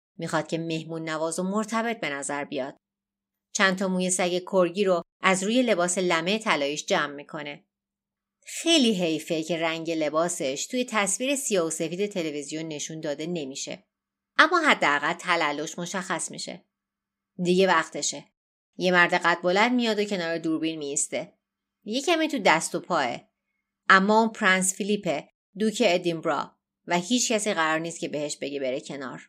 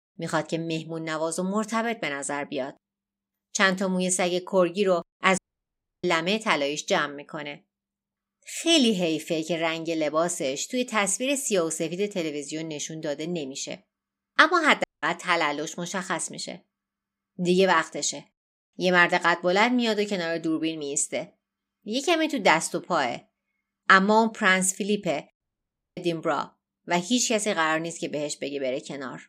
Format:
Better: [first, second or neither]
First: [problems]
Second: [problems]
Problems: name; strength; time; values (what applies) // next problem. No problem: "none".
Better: first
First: none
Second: audio cutting out; at 5.5 s for 0.5 s, at 15 s and at 25 s for 0.5 s